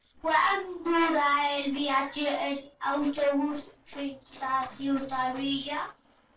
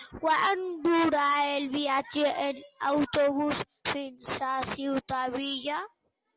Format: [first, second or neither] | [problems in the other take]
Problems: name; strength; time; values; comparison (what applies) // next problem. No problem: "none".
second | noise reduction (neural separator model SepFormer DNS4)